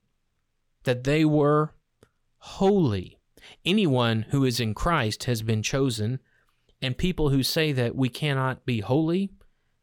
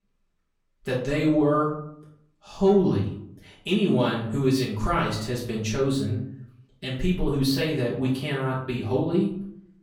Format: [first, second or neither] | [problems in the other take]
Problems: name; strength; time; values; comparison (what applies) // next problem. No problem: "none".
first | room echo; noticeable; dies away in 0.5 s // off-mic speech; far